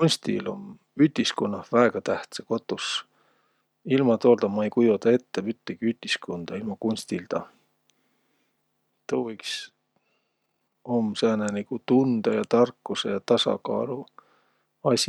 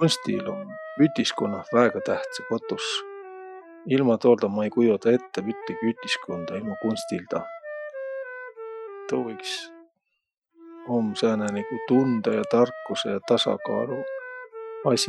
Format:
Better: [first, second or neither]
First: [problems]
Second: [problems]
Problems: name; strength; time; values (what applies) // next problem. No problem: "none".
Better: first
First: none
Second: noise reduction (classical method Wiener filter)